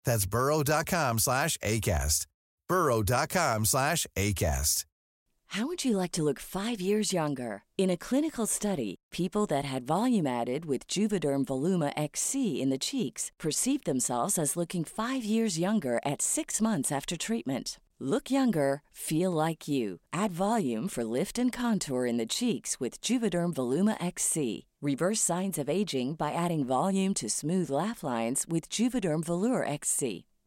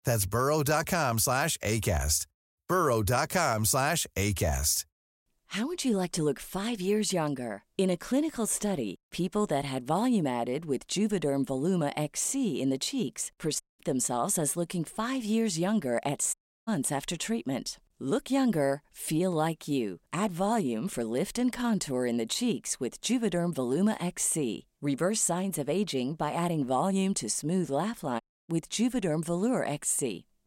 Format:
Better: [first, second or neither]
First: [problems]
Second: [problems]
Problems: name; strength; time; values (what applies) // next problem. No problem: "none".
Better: first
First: none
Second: audio cutting out; at 14 s, at 16 s and at 28 s